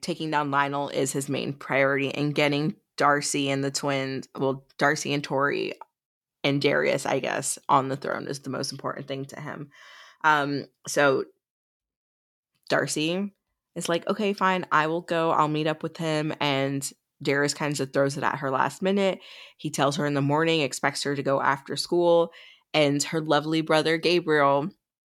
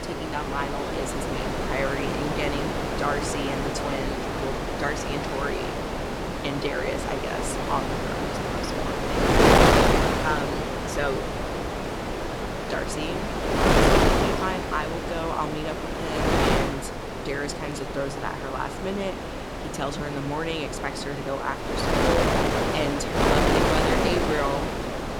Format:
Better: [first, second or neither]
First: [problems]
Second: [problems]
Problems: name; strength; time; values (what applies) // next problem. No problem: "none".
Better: first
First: none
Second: wind noise on the microphone; heavy; 5 dB above the speech